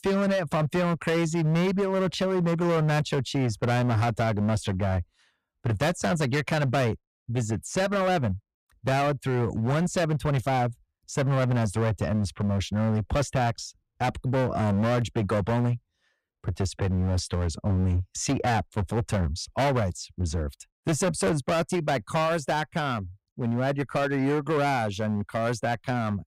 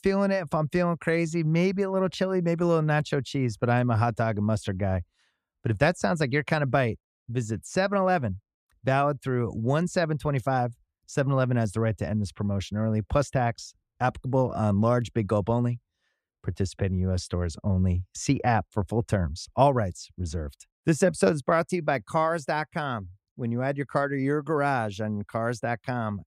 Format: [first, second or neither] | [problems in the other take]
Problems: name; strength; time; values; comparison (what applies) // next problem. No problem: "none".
second | distortion; heavy; 19% of the sound clipped